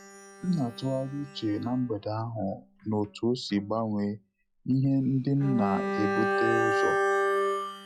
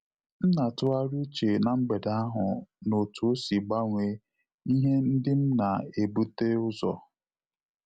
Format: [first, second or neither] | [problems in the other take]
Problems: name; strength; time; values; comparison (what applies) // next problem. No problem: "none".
second | noise reduction (classical method log-MMSE)